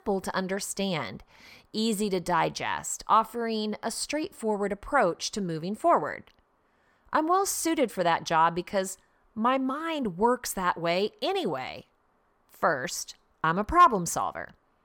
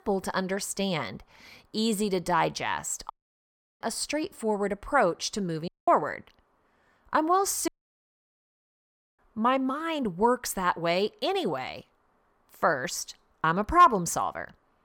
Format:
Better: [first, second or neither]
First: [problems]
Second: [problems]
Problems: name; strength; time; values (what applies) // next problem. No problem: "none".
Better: first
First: none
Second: audio cutting out; at 3 s for 0.5 s, at 5.5 s and at 7.5 s for 1.5 s